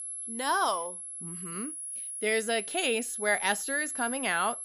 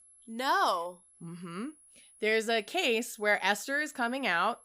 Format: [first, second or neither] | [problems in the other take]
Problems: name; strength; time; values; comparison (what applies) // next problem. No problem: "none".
second | high-pitched whine; loud; throughout; 11 kHz, 6 dB below the speech; faint in the second